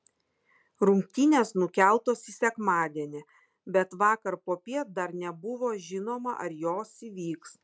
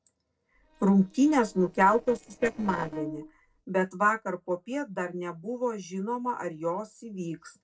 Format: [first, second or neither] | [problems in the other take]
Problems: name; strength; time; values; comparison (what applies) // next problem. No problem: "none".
first | noise reduction (neural separator model SepFormer DNS4)